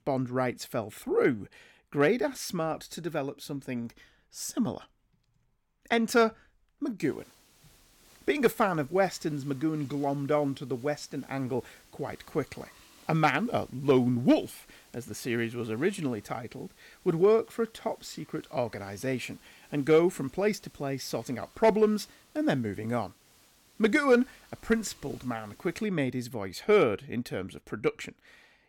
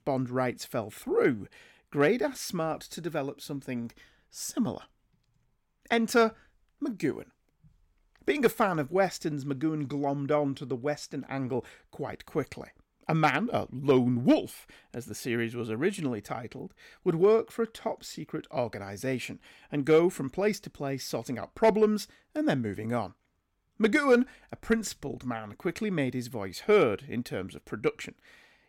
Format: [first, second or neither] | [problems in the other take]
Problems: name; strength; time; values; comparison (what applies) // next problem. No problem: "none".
second | hiss; faint; from 7 to 26 s; 25 dB below the speech